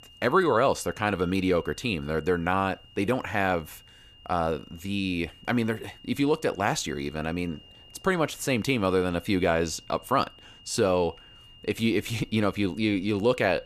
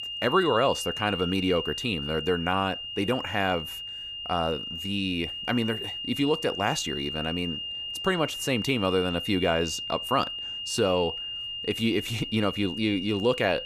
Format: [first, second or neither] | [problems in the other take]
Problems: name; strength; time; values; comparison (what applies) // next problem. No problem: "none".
first | high-pitched whine; loud; throughout; 3 kHz, 5 dB below the speech; faint in the first